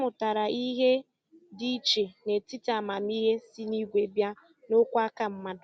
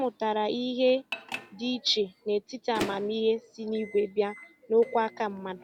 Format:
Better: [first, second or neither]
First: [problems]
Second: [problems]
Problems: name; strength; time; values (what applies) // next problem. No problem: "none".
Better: first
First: none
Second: background sound (Microwave oven); 15 dB below the speech